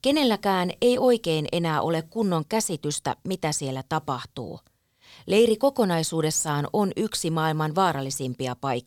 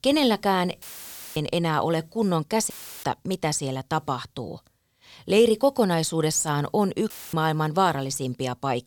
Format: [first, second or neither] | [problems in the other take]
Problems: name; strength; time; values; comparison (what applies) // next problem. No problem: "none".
first | audio cutting out; filled with static; at 1 s for 0.5 s, at 2.5 s and at 7 s